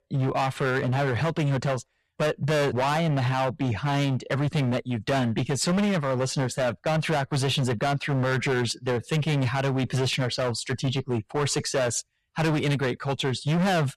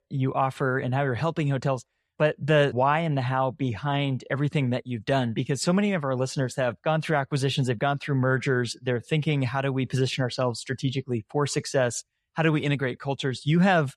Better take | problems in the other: second | distortion; heavy; 23% of the sound clipped

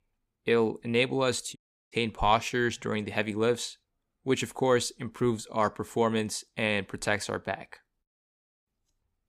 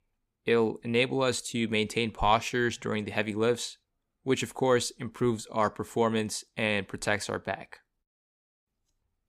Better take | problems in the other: second | audio cutting out; at 1.5 s

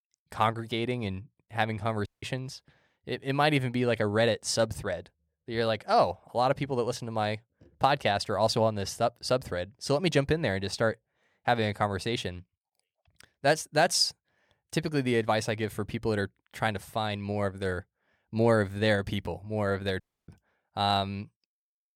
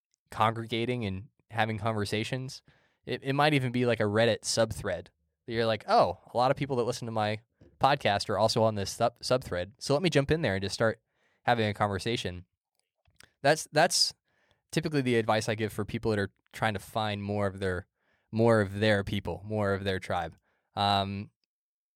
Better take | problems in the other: second | audio cutting out; at 2 s and at 20 s

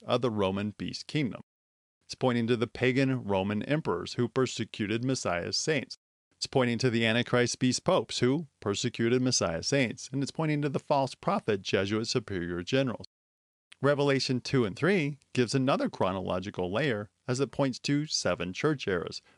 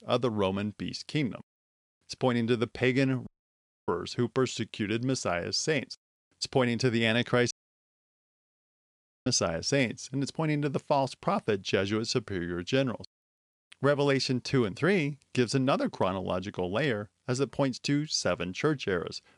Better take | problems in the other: first | audio cutting out; at 3.5 s for 0.5 s and at 7.5 s for 2 s

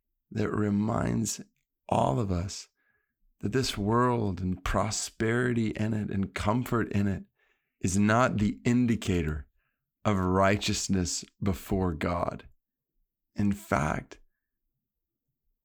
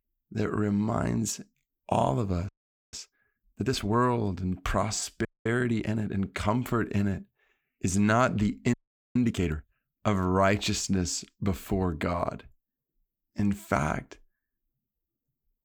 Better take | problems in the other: first | audio freezing; at 2.5 s, at 5.5 s and at 8.5 s

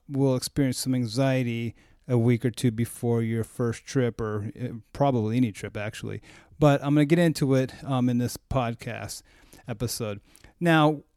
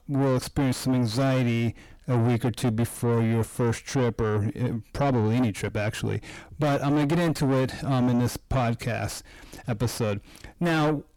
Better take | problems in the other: first | distortion; heavy; 5 dB below the speech

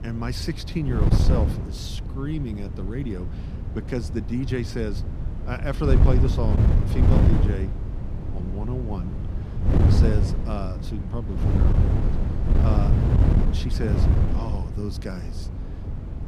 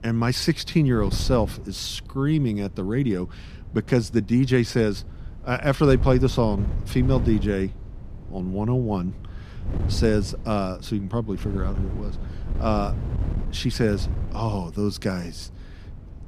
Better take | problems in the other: second | wind noise on the microphone; heavy; 1 dB below the speech; occasional gusts in the second

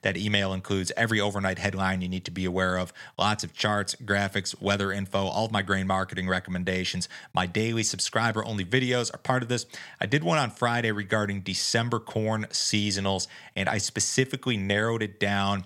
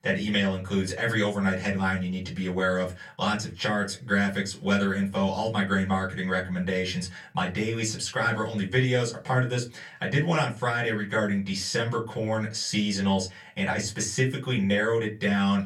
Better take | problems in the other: first | off-mic speech; far // room echo; very slight; dies away in 0.2 s

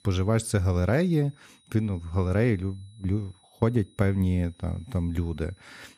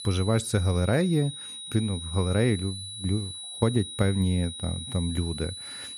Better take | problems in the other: first | high-pitched whine; loud; throughout; 4 kHz, 9 dB below the speech; faint in the first

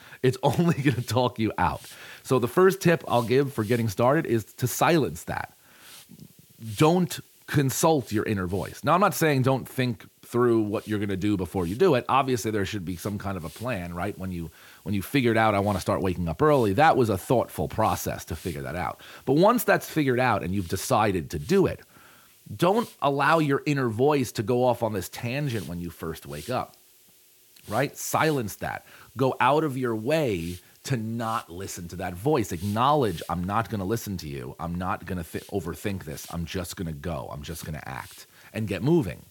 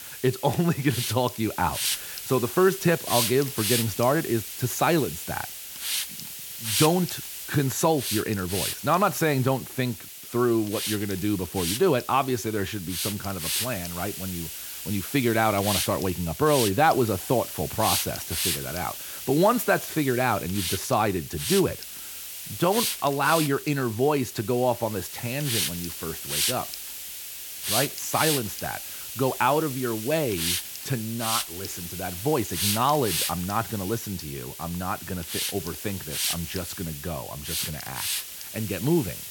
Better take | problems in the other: first | hiss; loud; throughout; 4 dB below the speech; faint in the first

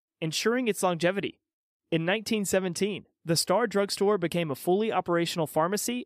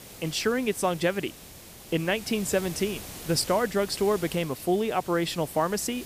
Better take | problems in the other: first | hiss; noticeable; throughout; 15 dB below the speech

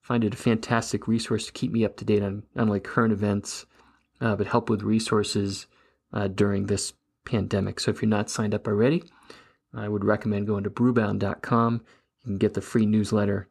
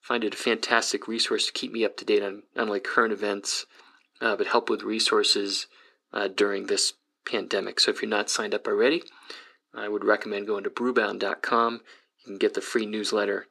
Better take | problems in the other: first | thin; somewhat; fading below 350 Hz

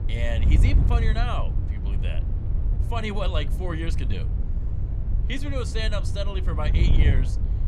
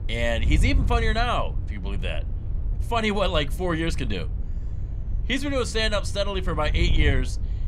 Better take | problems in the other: second | wind noise on the microphone; heavy; 8 dB below the speech; occasional gusts in the second

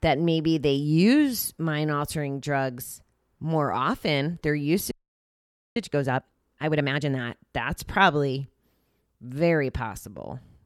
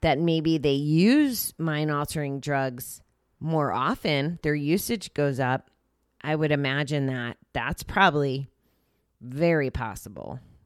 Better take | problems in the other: second | audio freezing; at 5 s for 1 s

